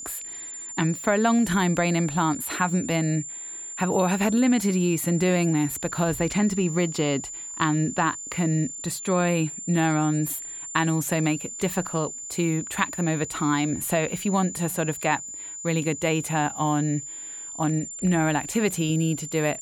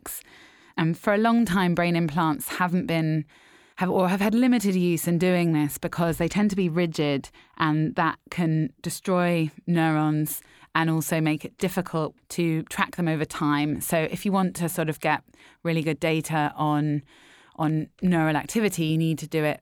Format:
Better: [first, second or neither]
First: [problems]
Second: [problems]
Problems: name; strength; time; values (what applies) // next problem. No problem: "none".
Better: second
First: high-pitched whine; loud; throughout; 7 kHz, 9 dB below the speech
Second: none